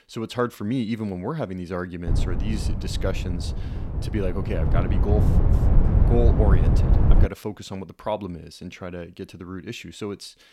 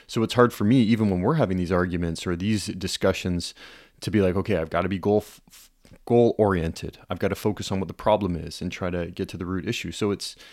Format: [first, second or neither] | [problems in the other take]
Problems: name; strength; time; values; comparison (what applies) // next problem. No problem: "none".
second | wind noise on the microphone; heavy; from 2 to 7.5 s; 3 dB below the speech